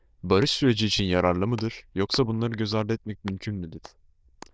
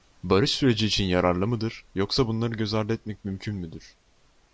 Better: second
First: noise reduction (neural diffusion model UNIVERSE++)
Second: none

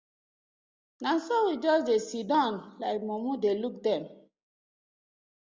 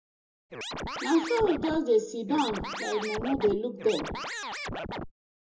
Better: first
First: none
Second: background sound (Scratching (performance technique)); 6 dB below the speech // room echo; dies away in 0.2 s

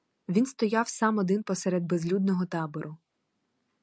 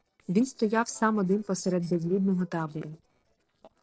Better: first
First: none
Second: noise reduction (neural separator model SepFormer DNS4)

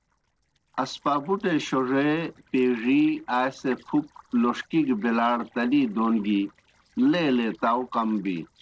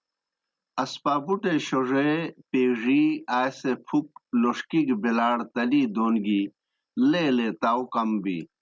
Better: second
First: noise reduction (neural separator model SepFormer DNS4)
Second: none

